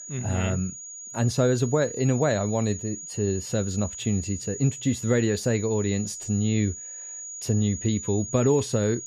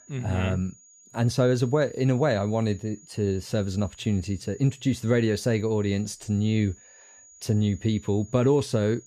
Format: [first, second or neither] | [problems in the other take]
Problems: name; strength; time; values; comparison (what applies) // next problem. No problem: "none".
second | high-pitched whine; loud; throughout; 7 kHz, 10 dB below the speech; faint in the second